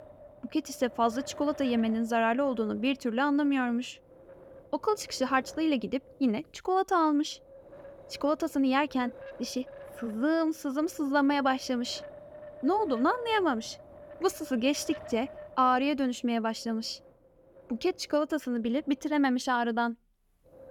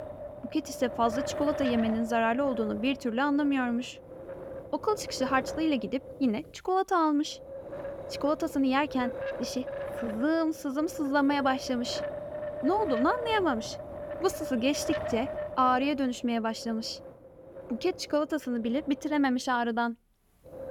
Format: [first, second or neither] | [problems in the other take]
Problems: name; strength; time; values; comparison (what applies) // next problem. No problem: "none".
first | wind noise on the microphone; heavy; 8 dB below the speech; occasional gusts in the first